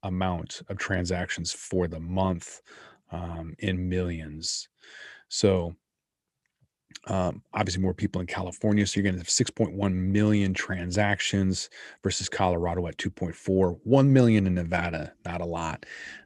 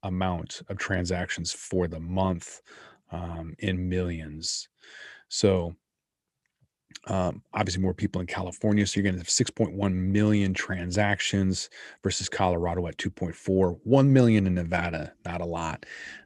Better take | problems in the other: neither | none

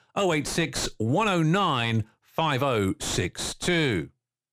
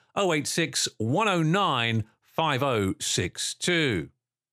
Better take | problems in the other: second | distortion; slight; 7 dB below the speech

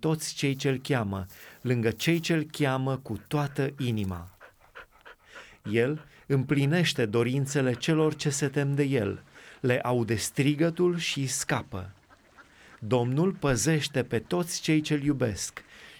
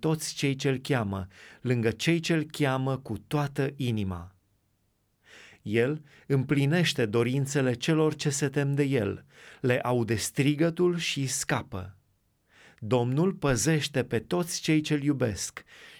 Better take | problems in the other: second | animal sounds; faint; throughout; 25 dB below the speech

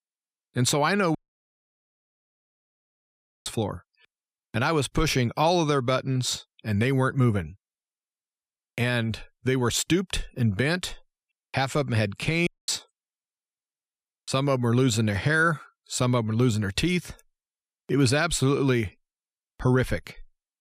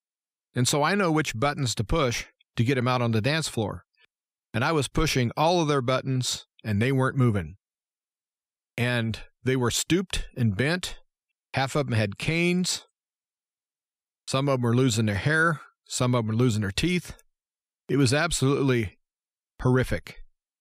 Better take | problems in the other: second | audio cutting out; at 1 s for 2.5 s and at 12 s

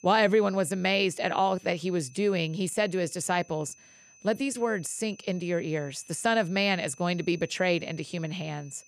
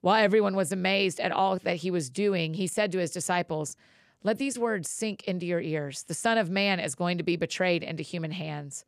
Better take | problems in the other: second | high-pitched whine; faint; throughout; 6 kHz, 25 dB below the speech

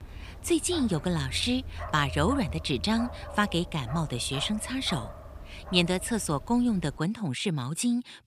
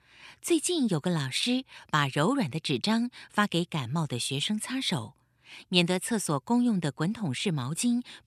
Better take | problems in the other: second | dog barking; noticeable; until 7 s; peak 7 dB below the speech

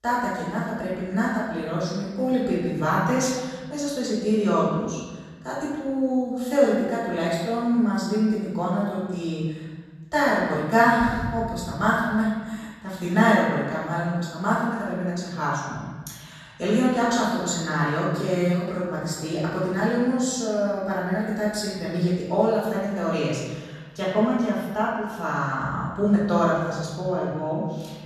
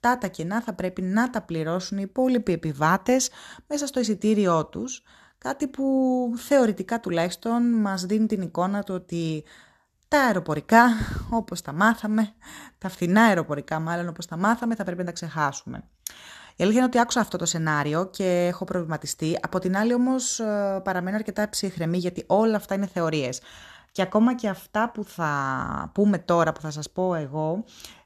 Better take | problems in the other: second | off-mic speech; far // room echo; strong; dies away in 1.4 s

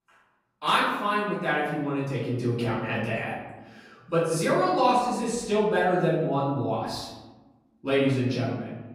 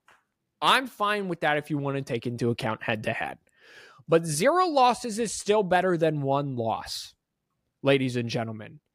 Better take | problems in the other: second | room echo; noticeable; dies away in 1.1 s // off-mic speech; far

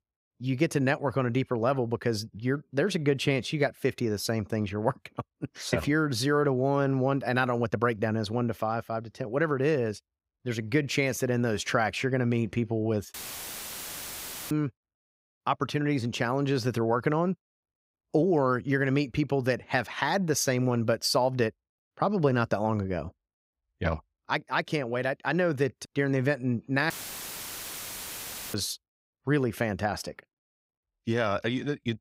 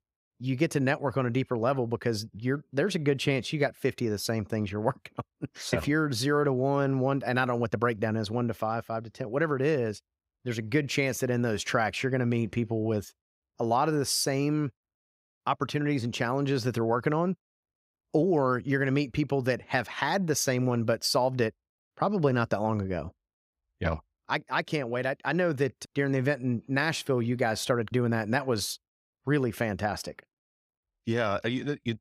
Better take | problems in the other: second | audio cutting out; filled with static; at 13 s for 1.5 s and at 27 s for 1.5 s

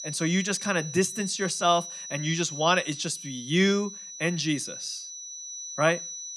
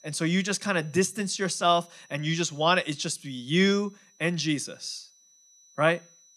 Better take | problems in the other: second | high-pitched whine; loud; throughout; 6 kHz, 9 dB below the speech; faint in the second

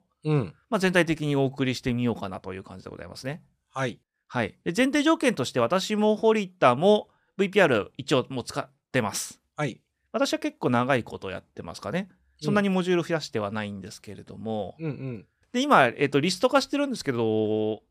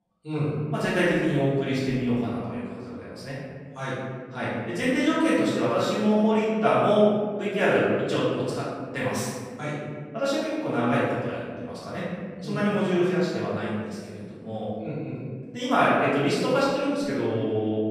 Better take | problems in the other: first | room echo; strong; dies away in 1.7 s // off-mic speech; far

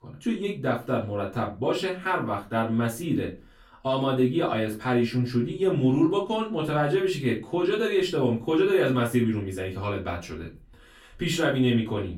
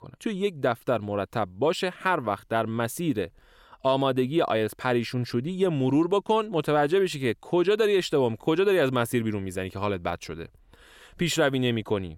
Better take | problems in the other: second | off-mic speech; far // room echo; very slight; dies away in 0.3 s

